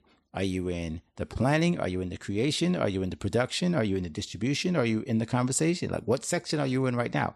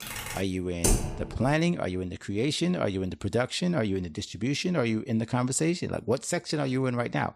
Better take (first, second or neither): first